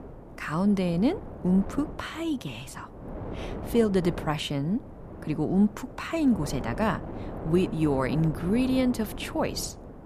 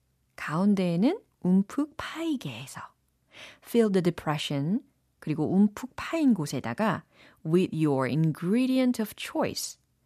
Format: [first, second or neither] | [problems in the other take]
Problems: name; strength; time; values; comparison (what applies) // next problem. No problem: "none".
second | wind noise on the microphone; occasional gusts; 10 dB below the speech